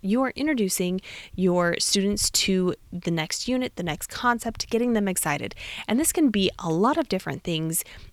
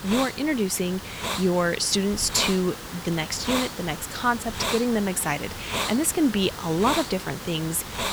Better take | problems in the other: first | hiss; loud; throughout; 7 dB below the speech

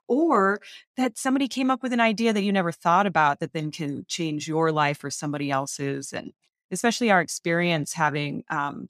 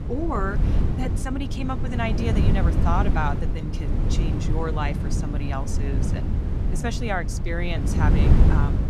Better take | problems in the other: first | wind noise on the microphone; heavy; 4 dB below the speech

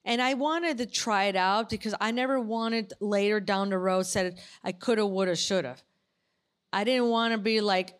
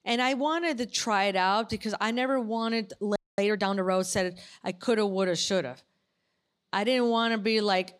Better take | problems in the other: first | audio freezing; at 3 s

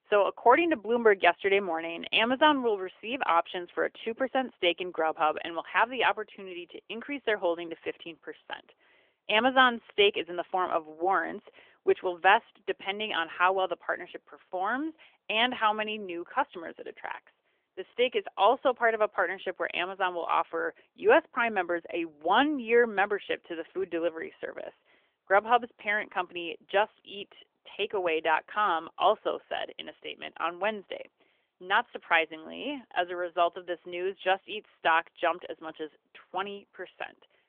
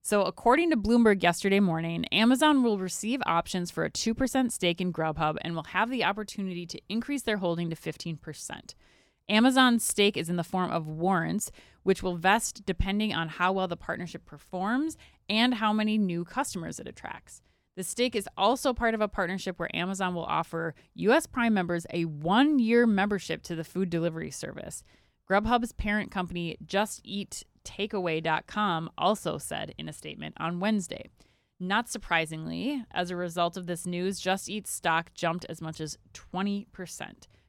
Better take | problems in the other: second | phone-call audio; nothing above 3.5 kHz

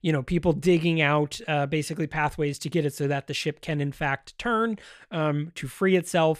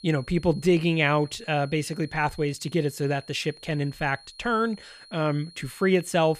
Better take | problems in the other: first | high-pitched whine; faint; throughout; 4.5 kHz, 20 dB below the speech

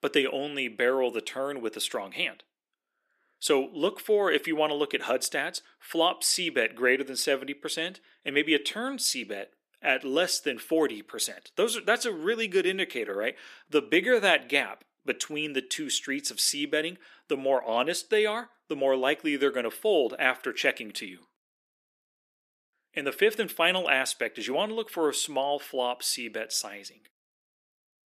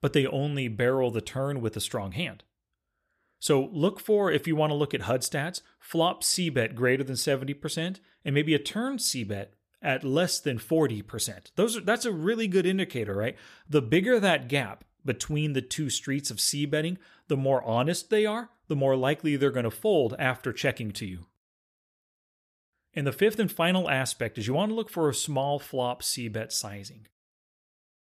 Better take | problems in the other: second | thin; somewhat; fading below 250 Hz

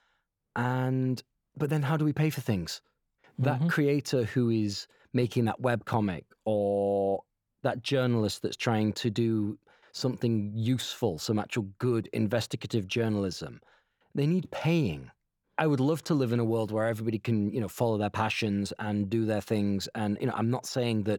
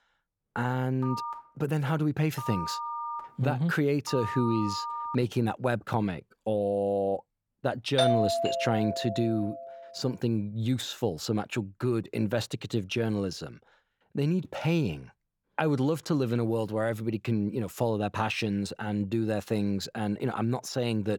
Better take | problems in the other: first | phone ringing; noticeable; from 1 to 5 s; peak 4 dB below the speech // doorbell; loud; from 8 to 9.5 s; peak 4 dB above the speech

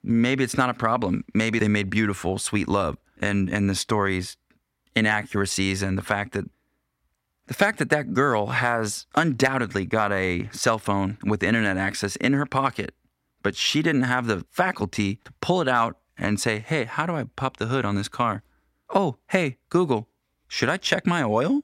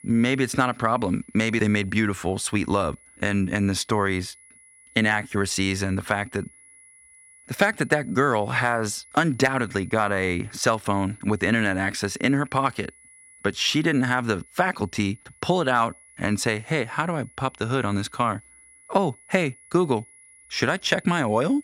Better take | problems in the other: first | high-pitched whine; faint; throughout; 10.5 kHz, 25 dB below the speech

